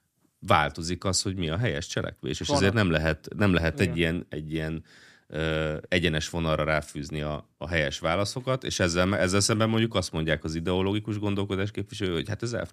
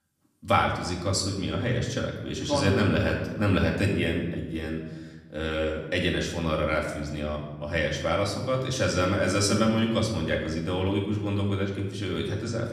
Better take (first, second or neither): first